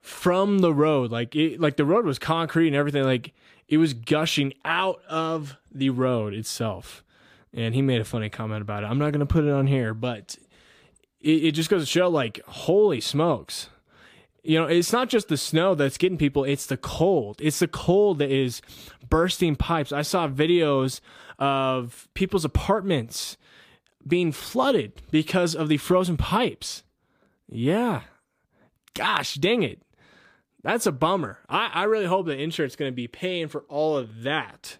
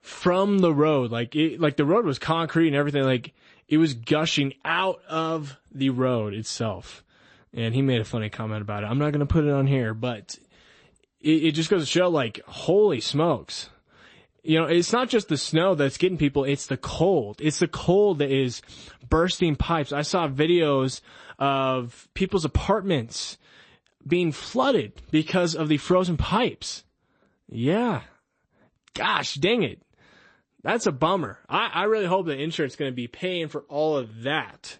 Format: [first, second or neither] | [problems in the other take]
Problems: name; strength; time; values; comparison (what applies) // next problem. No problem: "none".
first | garbled, watery; slightly; nothing above 8 kHz